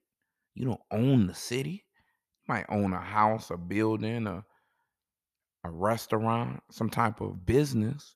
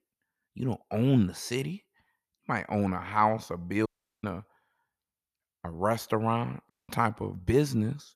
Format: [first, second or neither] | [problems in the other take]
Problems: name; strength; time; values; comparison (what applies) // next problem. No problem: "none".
first | audio cutting out; at 4 s and at 6.5 s